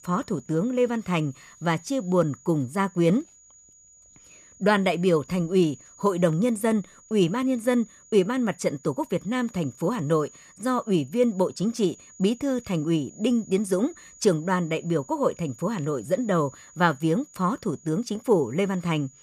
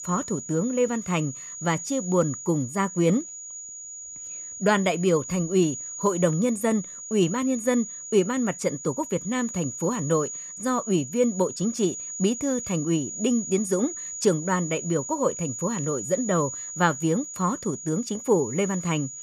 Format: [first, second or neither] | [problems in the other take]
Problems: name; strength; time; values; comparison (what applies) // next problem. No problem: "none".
first | high-pitched whine; loud; throughout; 7 kHz, 8 dB below the speech; faint in the first